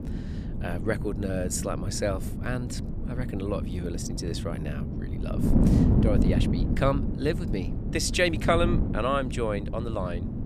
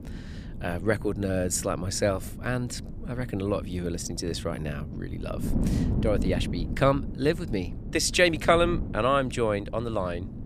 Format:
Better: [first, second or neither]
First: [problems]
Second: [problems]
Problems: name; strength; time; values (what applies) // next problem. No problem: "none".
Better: second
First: wind noise on the microphone; heavy; 7 dB below the speech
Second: wind noise on the microphone; occasional gusts; 15 dB below the speech